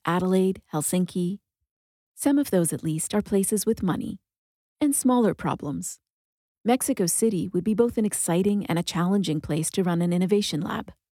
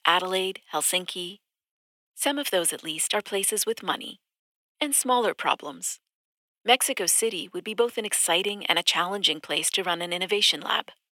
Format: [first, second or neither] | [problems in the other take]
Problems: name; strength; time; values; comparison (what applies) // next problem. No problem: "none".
first | thin; very; fading below 650 Hz